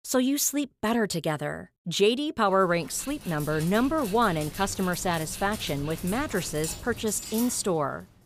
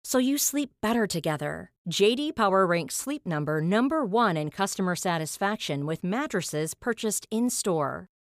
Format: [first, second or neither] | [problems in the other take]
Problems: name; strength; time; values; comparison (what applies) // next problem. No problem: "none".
second | dog barking; noticeable; from 2.5 s on; peak 8 dB below the speech